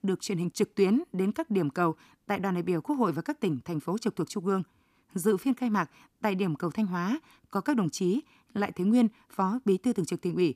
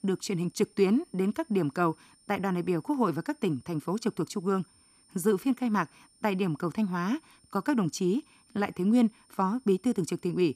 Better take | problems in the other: first | high-pitched whine; faint; throughout; 9 kHz, 30 dB below the speech

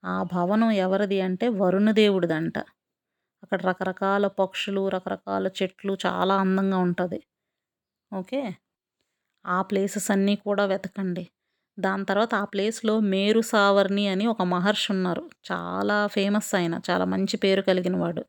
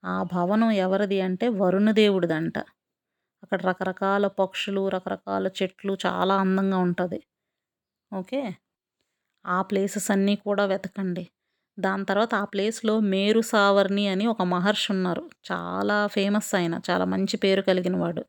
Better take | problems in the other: neither | none

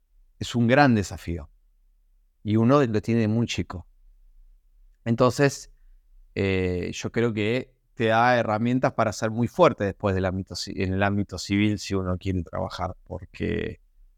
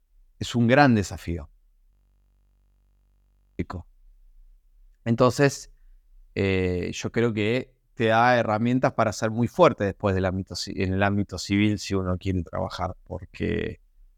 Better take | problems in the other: first | audio freezing; at 2 s for 1.5 s

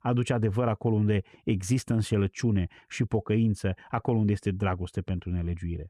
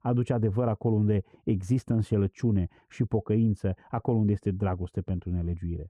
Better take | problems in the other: first | muffled; slightly; fading above 1.5 kHz

